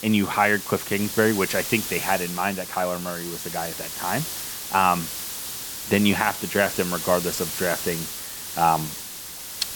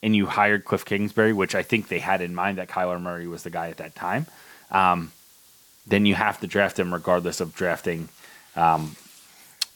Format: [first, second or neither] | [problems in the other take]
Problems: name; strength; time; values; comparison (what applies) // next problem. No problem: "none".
second | hiss; loud; throughout; 6 dB below the speech; faint in the second